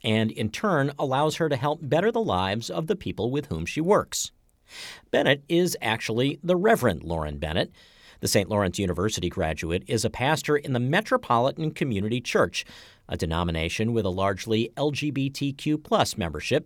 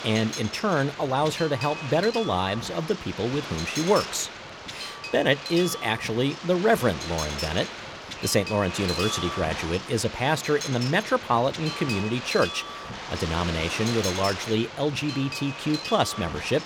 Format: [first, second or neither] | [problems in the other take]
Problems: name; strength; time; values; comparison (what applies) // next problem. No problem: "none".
first | wind noise on the microphone; heavy; 6 dB below the speech